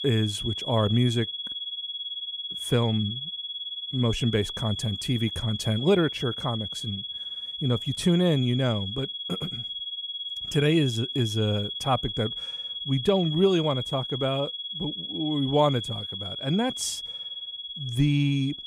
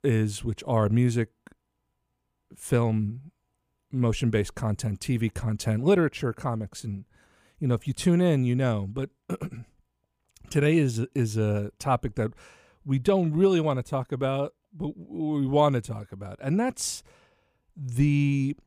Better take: second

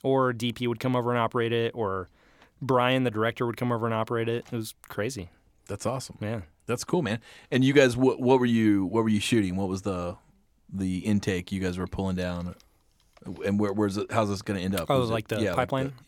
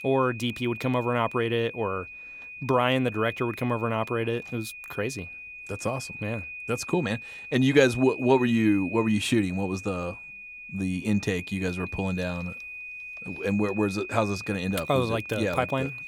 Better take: first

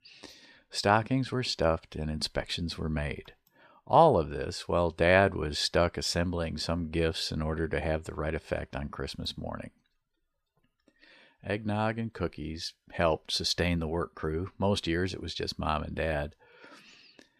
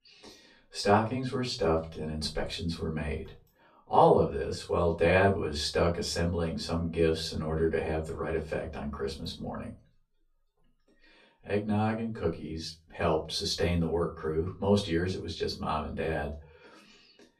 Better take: first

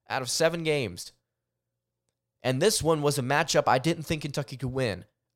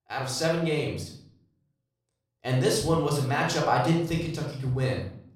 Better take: first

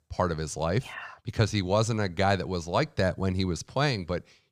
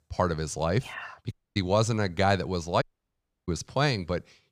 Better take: first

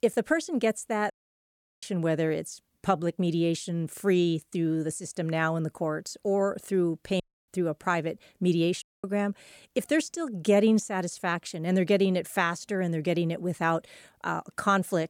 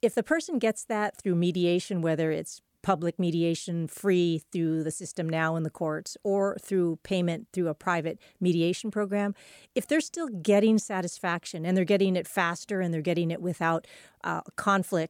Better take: second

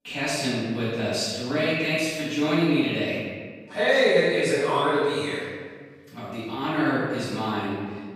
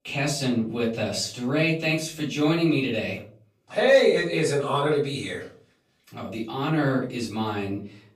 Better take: second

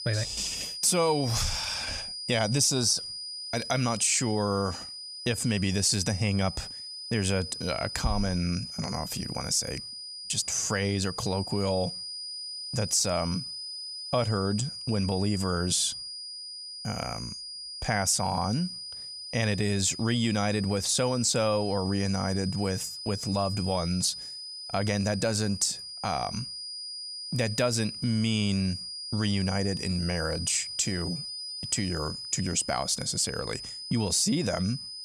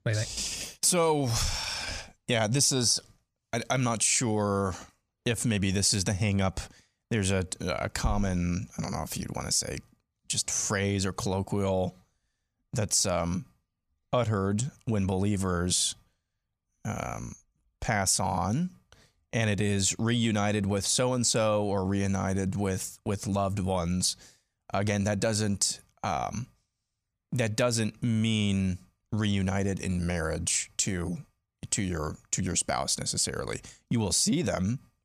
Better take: second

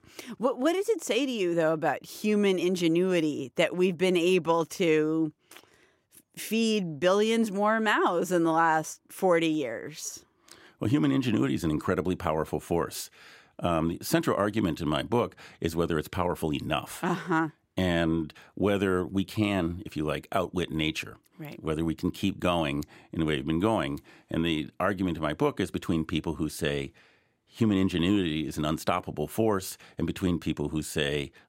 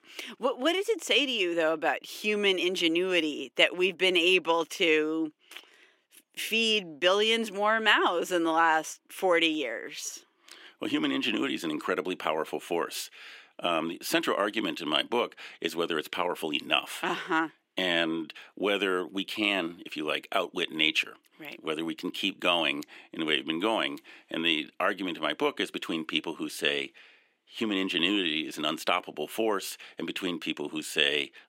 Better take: first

